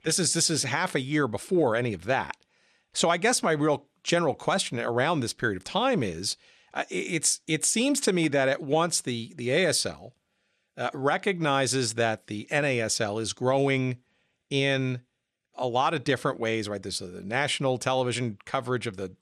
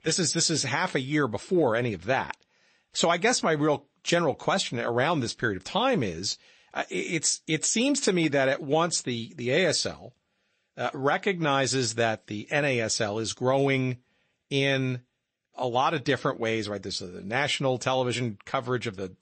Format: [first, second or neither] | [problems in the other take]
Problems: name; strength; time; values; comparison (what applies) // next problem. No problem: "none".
first | garbled, watery; slightly; nothing above 8 kHz